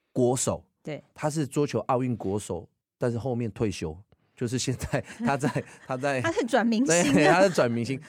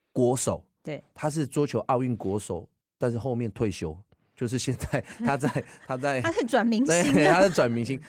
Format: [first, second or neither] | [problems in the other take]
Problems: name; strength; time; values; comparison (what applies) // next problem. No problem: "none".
first | garbled, watery; slightly; nothing above 17.5 kHz